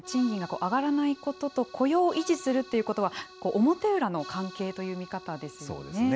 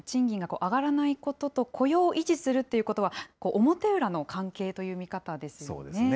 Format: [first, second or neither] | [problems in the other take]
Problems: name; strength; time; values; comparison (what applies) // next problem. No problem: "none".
second | background sound (Accordion); 18 dB below the speech